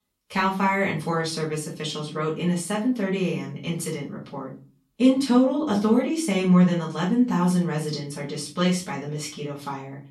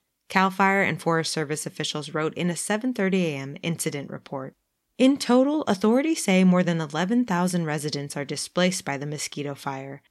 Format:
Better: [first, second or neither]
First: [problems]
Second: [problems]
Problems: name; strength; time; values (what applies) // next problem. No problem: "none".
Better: second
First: off-mic speech; far // room echo; slight; dies away in 0.3 s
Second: none